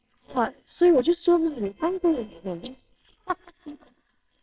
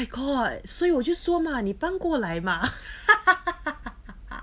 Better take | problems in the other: second | noise reduction (neural separator model SepFormer WHAMR!)

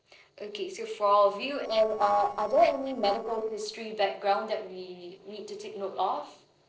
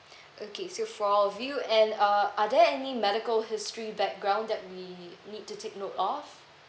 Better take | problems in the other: second | noise reduction (neural separator model SepFormer DNS4)

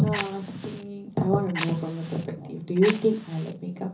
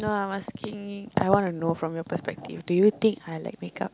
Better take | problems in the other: second | background sound (Fire); 13 dB below the speech // room echo; dies away in 0.5 s

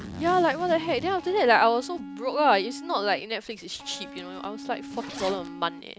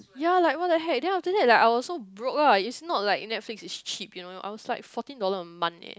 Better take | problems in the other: second | background sound (Zipper (clothing) + Electric guitar); 13 dB below the speech

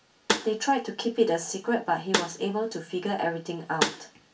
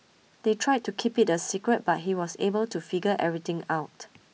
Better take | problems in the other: second | background sound (Snare drum); 1 dB below the speech // room echo; dies away in 0.3 s

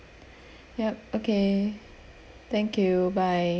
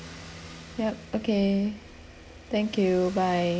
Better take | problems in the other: first | background sound (Guitar + Motor vehicle (road)); 18 dB below the speech

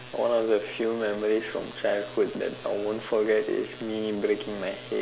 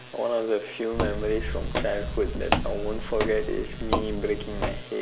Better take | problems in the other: first | background sound (Walk, footsteps); as loud as the speech

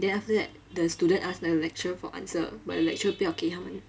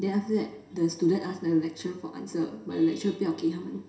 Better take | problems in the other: first | room echo; dies away in 0.7 s

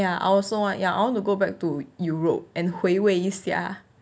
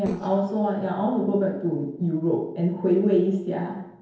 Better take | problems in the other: first | noise reduction (neural separator model SepFormer DNS4)

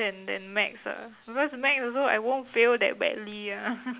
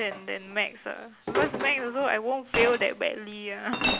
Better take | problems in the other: first | background sound (Chink, clink); 4 dB below the speech

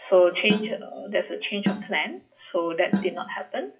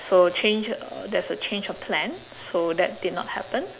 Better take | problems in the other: second | noise reduction (classical method WPE with log-MMSE)

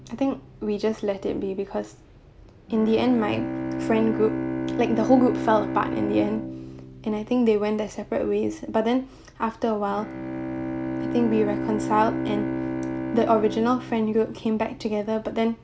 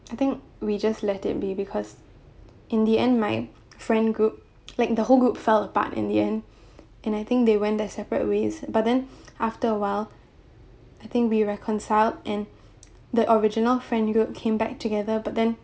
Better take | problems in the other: second | background sound (Bowed string instrument); 6 dB below the speech

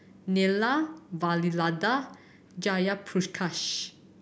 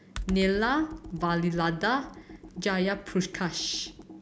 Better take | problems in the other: first | background sound (Computer keyboard); 14 dB below the speech

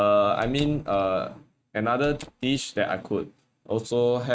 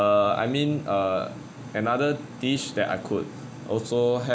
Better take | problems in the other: second | noise reduction (neural mask model RNNoise)

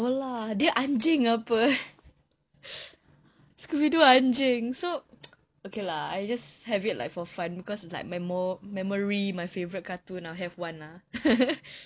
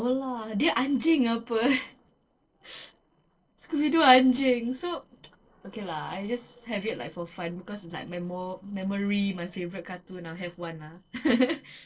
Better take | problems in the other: first | noise reduction (neural separator model SepFormer DNS4)

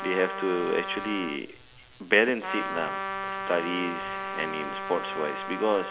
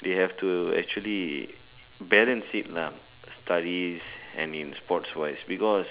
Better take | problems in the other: second | background sound (Trumpet); 6 dB below the speech

